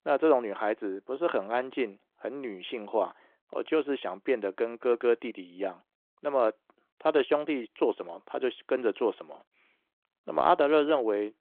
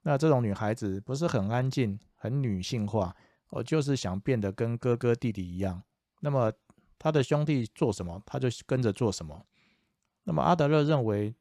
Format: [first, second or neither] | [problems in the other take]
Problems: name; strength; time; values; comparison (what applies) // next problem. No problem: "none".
second | phone-call audio